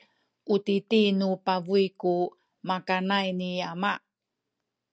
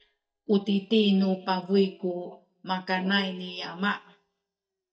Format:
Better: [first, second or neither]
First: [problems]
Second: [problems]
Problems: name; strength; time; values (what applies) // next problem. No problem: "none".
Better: first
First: none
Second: noise reduction (neural mask model DeepFilterNet 3)